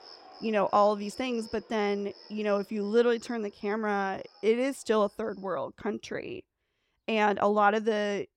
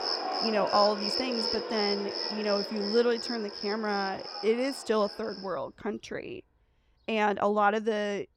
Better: first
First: animal sounds; faint; throughout; 25 dB below the speech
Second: animal sounds; loud; throughout; 3 dB below the speech

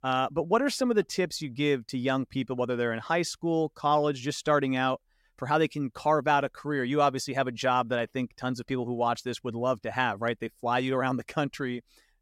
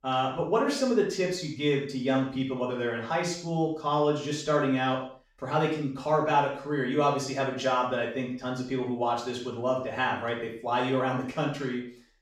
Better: first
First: none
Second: room echo; noticeable; dies away in 0.5 s // off-mic speech; far

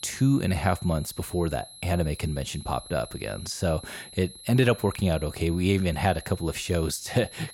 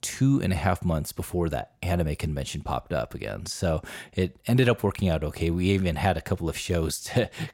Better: second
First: high-pitched whine; noticeable; throughout; 4 kHz, 15 dB below the speech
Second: none

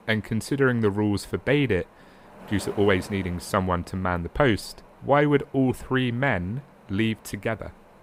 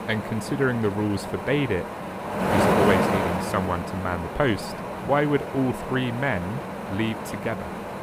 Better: first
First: wind noise on the microphone; occasional gusts; 20 dB below the speech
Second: wind noise on the microphone; heavy; 1 dB below the speech

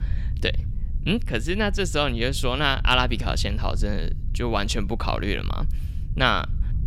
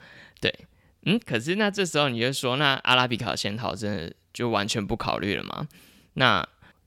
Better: second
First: low rumble; faint; throughout; 25 dB below the speech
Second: none

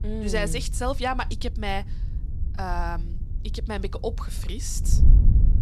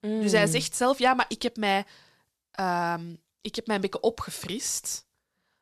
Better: second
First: wind noise on the microphone; occasional gusts; 15 dB below the speech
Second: none

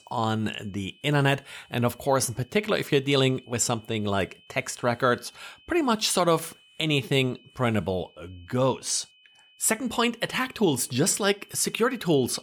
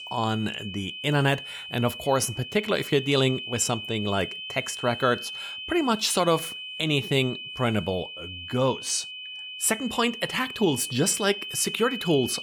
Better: first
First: high-pitched whine; faint; throughout; 3 kHz, 30 dB below the speech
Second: high-pitched whine; loud; throughout; 3 kHz, 9 dB below the speech

